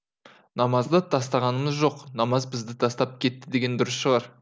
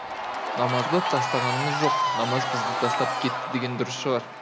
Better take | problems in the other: first | background sound (Crowd / Cheering); 1 dB above the speech

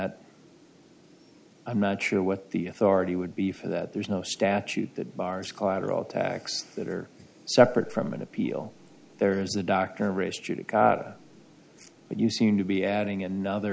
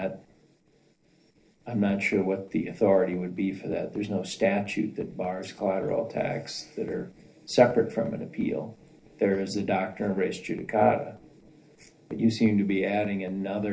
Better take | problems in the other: first | noise reduction (neural separator model SepFormer DNS4)

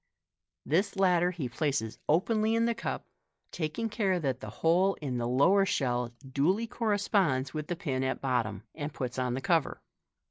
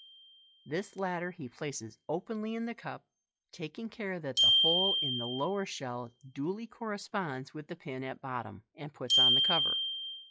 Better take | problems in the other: first | noise reduction (classical method log-MMSE)

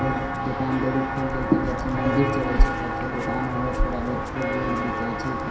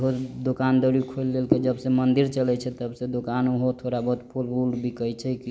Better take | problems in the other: second | background sound (Walk, footsteps); 2 dB above the speech // room echo; dies away in 0.7 s

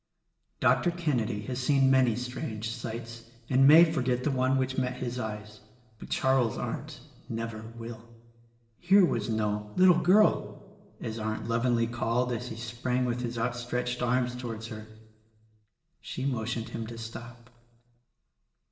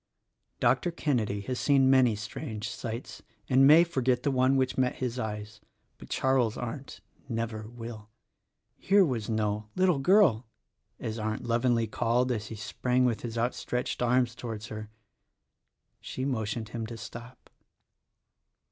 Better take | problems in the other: second | room echo; dies away in 1.1 s

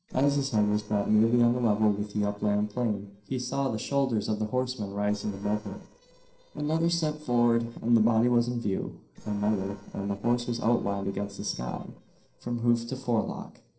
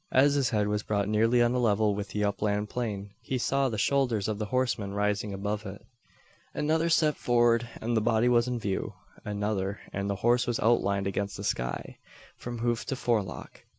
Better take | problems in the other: second | noise reduction (neural separator model SepFormer DNS4)

